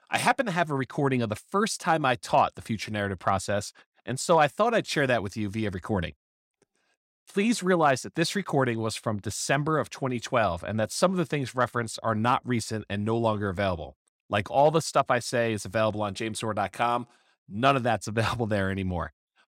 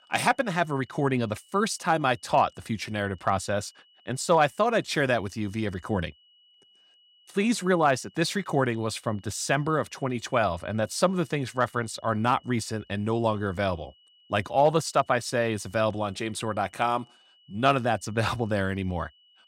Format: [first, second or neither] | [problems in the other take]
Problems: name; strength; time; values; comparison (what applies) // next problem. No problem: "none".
first | high-pitched whine; faint; throughout; 3 kHz, 30 dB below the speech